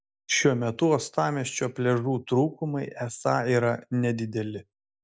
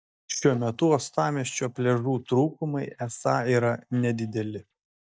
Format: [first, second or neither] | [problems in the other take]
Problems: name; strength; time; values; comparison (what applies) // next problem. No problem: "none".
first | noise reduction (neural mask model DeepFilterNet 3)